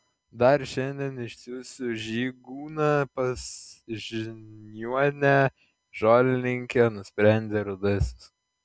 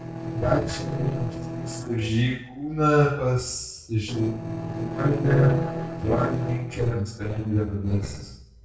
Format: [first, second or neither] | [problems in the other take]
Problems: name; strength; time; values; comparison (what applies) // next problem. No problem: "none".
first | noise reduction (neural separator model SepFormer DNS4)